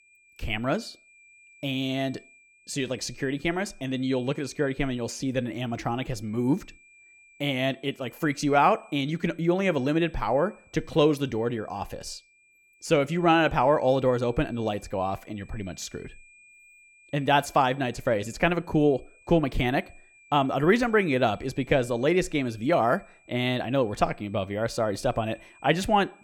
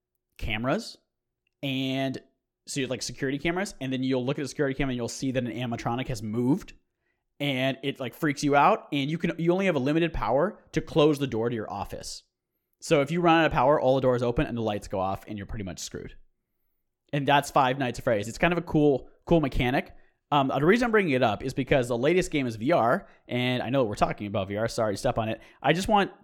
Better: second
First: high-pitched whine; faint; throughout; 2.5 kHz, 30 dB below the speech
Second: none

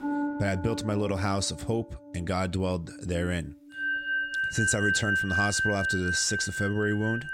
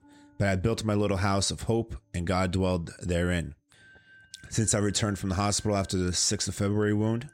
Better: second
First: background music; loud; throughout; as loud as the speech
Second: background music; faint; throughout; 30 dB below the speech

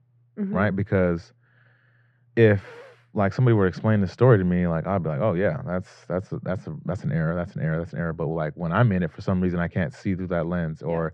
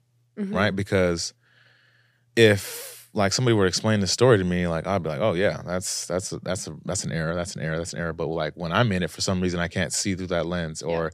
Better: second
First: muffled; very; fading above 1.5 kHz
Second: none

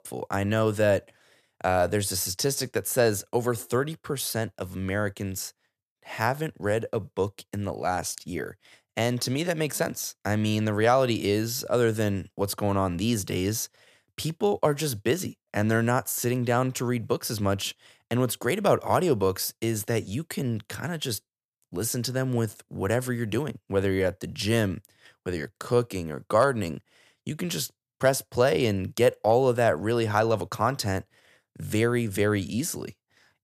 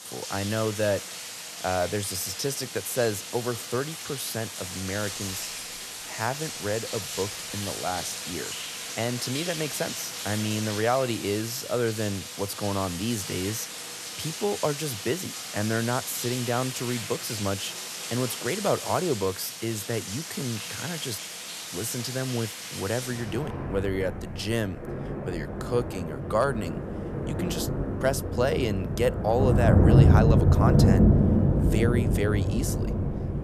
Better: first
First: none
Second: rain or running water; very loud; throughout; 1 dB above the speech

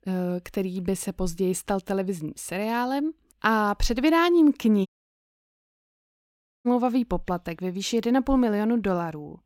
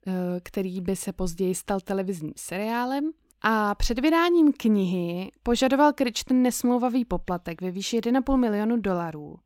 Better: second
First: audio cutting out; at 5 s for 2 s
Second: none

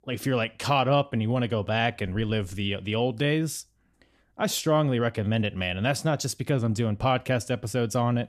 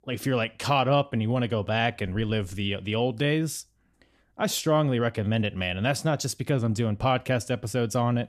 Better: neither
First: none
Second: none

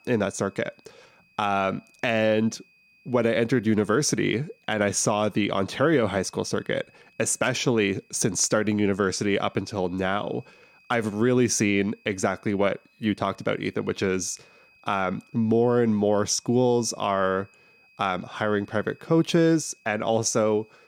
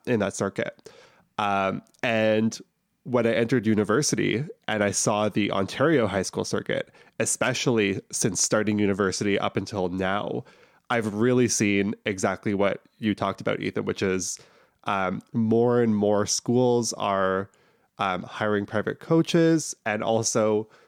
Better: second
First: high-pitched whine; faint; throughout; 2.5 kHz, 35 dB below the speech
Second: none

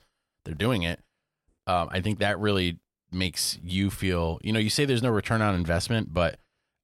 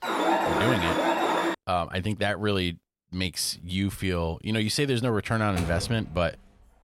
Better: first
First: none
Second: alarm; loud; until 1.5 s; peak 3 dB above the speech // door banging; noticeable; at 5.5 s; peak 7 dB below the speech

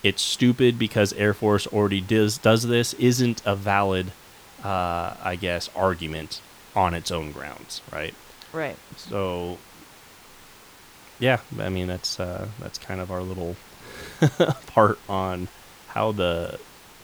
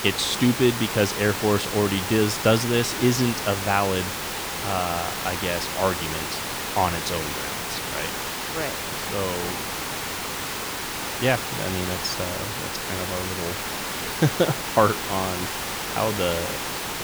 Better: first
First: hiss; faint; throughout; 25 dB below the speech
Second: hiss; loud; throughout; 3 dB below the speech

